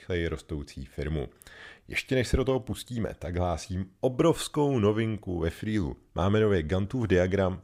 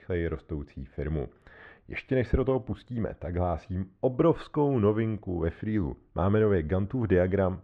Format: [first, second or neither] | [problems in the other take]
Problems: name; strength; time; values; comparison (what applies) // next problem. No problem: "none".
first | muffled; very; fading above 1.5 kHz